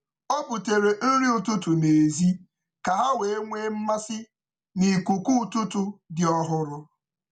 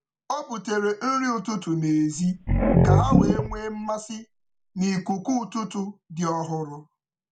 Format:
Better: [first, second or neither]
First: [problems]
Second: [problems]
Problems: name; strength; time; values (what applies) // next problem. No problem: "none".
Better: first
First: none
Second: background sound (Growling); 5 dB above the speech